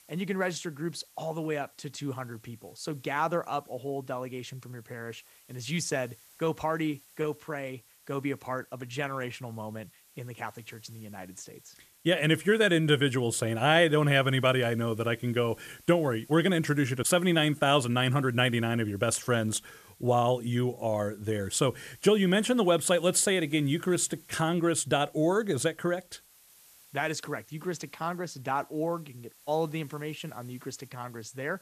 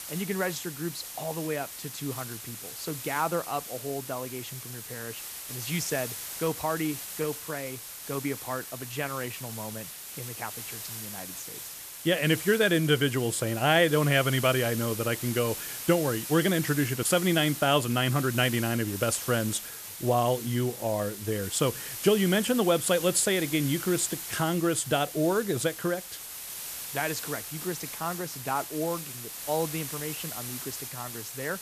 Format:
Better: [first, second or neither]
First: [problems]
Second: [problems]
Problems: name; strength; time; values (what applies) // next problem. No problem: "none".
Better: first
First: hiss; faint; throughout; 25 dB below the speech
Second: hiss; loud; throughout; 8 dB below the speech